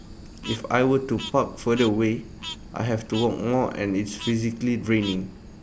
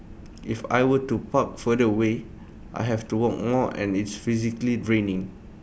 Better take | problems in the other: second | background sound (Frog); 16 dB below the speech

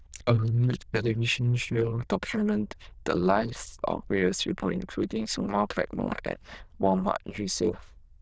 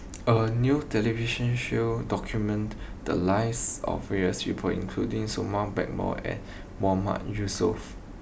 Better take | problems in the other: second | noise reduction (neural diffusion model UNIVERSE++)

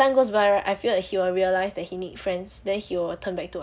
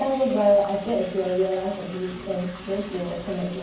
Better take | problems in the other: first | background sound (Liquid); 17 dB below the speech // room echo; dies away in 0.9 s

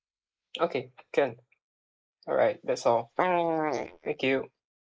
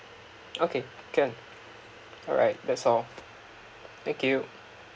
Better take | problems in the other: second | noise reduction (neural mask model Resemble Enhance denoiser)

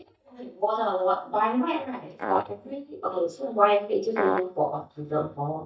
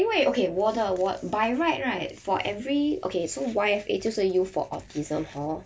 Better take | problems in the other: second | noise reduction (neural mask model DeepFilterNet 3)

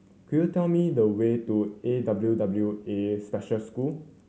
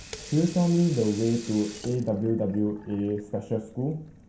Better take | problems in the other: first | background sound (Sink (filling or washing) / Water tap, faucet); 18 dB below the speech // room echo; dies away in 0.2 s

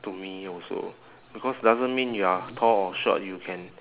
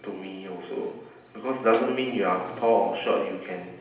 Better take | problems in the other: first | background sound (Snare drum); 19 dB below the speech // room echo; dies away in 0.8 s

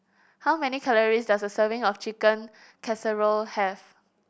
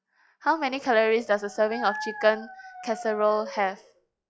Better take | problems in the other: first | noise reduction (classical method log-MMSE)

